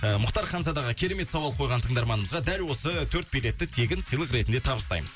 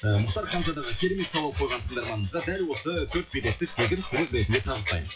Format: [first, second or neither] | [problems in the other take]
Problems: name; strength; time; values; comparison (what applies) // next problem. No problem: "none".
first | noise reduction (classical method WPE with log-MMSE)